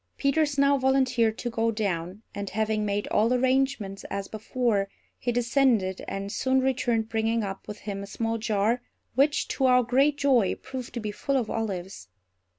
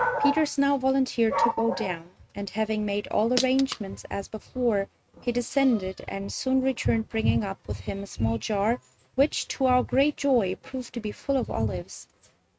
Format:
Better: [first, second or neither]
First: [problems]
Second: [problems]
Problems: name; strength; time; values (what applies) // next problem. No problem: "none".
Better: first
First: none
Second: noise reduction (neural mask model RNNoise)